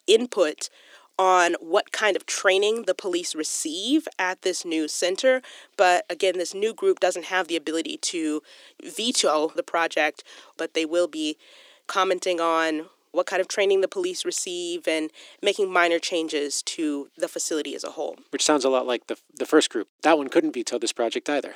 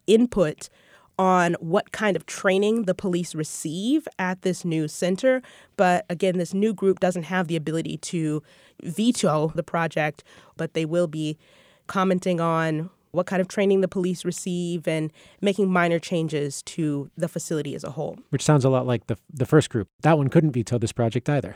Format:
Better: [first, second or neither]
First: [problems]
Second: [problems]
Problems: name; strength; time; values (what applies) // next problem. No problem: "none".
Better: second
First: thin; somewhat; fading below 300 Hz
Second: none